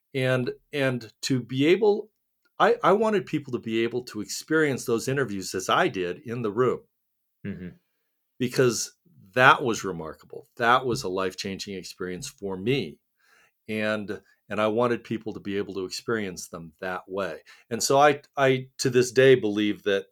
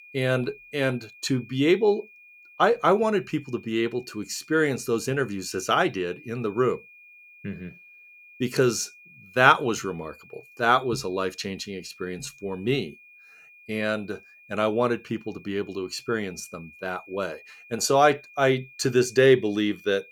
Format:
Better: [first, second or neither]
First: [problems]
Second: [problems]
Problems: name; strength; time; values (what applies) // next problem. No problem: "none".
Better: first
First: none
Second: high-pitched whine; faint; throughout; 2.5 kHz, 25 dB below the speech